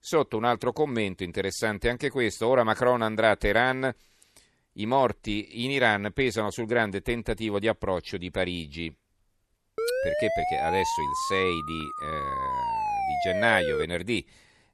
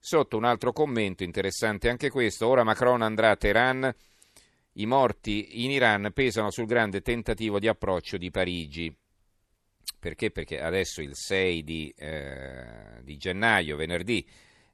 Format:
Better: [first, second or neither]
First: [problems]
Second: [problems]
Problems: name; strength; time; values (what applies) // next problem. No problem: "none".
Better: second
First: siren; noticeable; from 10 to 14 s; peak level with the speech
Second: none